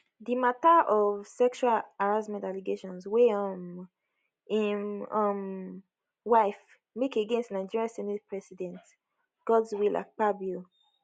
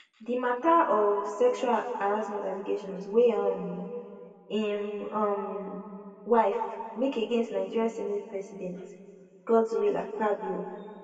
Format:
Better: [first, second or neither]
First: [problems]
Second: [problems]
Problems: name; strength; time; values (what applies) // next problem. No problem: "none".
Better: first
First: none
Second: room echo; dies away in 2.2 s